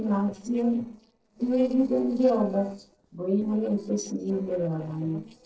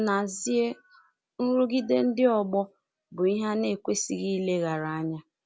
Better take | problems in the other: second | noise reduction (neural separator model SepFormer DNS4)

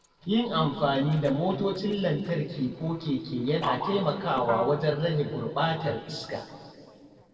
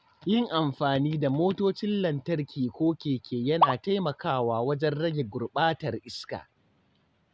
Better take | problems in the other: second | noise reduction (neural separator model SepFormer DNS4)

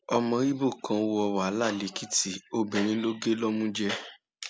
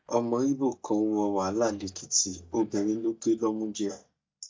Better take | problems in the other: first | noise reduction (neural mask model DeepFilterNet 3)

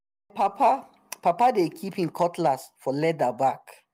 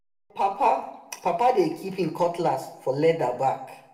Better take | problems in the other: first | room echo; dies away in 0.6 s

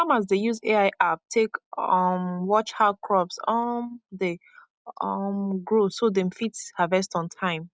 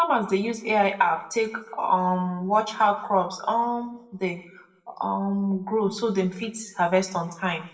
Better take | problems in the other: first | room echo; dies away in 0.6 s

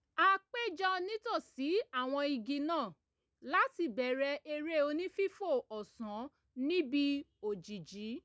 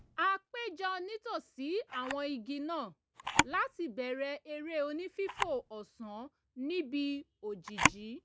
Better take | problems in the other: first | background sound (Camera); 2 dB below the speech

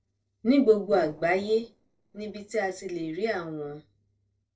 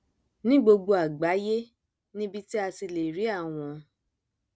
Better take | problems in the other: second | noise reduction (neural separator model SepFormer DNS4)

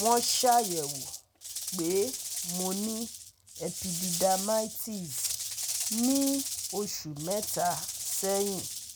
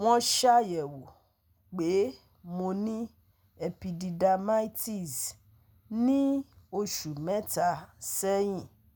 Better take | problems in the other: second | background sound (Rattle / Rattle (instrument)); 4 dB below the speech

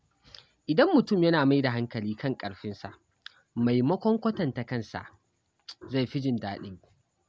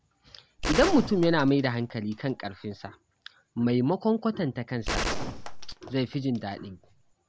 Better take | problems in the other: first | background sound (Gunshot, gunfire); 6 dB below the speech

